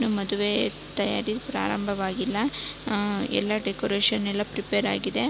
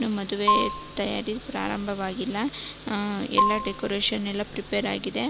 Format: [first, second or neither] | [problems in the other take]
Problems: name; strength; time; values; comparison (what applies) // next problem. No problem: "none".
first | background sound (Marimba, xylophone); 1 dB below the speech